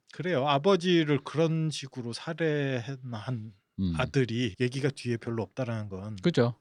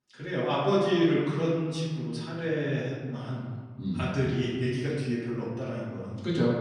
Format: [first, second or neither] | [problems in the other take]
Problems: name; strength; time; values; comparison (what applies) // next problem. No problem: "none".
first | room echo; noticeable; dies away in 1.6 s // off-mic speech; far